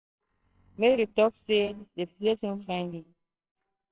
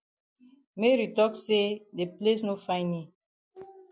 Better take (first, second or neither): second